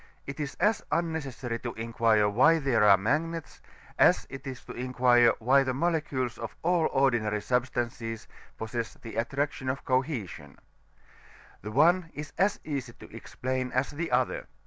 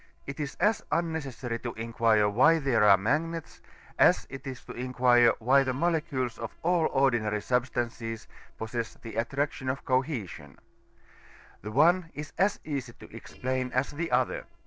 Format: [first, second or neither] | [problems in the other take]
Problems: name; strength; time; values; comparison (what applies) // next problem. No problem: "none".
first | noise reduction (neural separator model SepFormer DNS4)